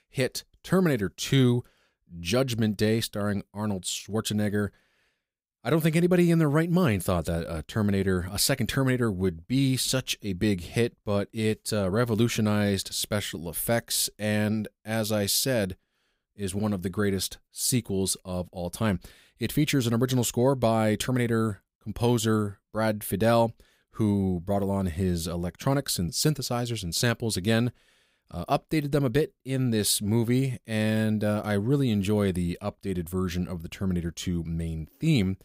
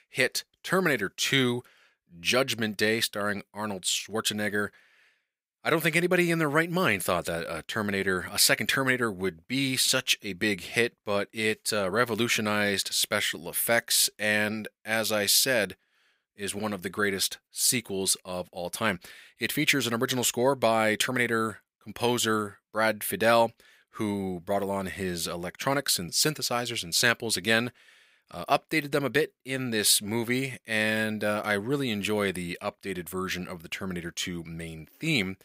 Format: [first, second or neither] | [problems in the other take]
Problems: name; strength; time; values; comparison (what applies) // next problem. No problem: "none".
first | thin; somewhat; fading below 550 Hz